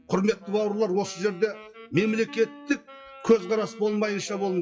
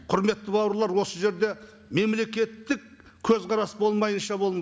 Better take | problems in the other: second | noise reduction (classical method WPE with log-MMSE)

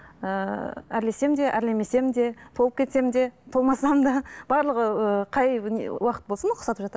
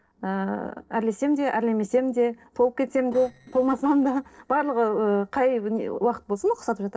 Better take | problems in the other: first | noise reduction (neural separator model SepFormer DNS4)

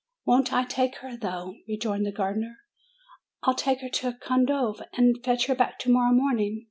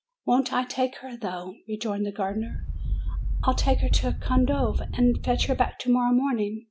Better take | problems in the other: first | background sound (Thunder / Wind); 1 dB above the speech

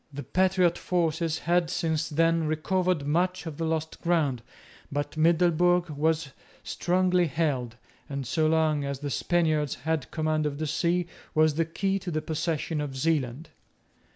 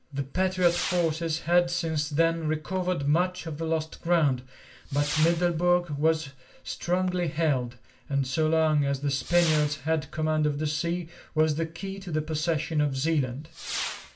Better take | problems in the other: first | background sound (Whoosh, swoosh, swish / Fireworks); 15 dB below the speech // room echo; dies away in 0.2 s

